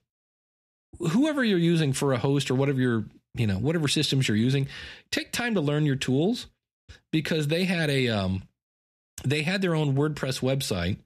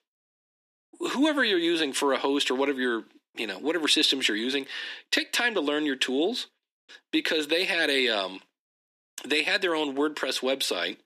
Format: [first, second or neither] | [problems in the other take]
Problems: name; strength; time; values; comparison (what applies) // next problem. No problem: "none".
first | thin; somewhat; fading below 300 Hz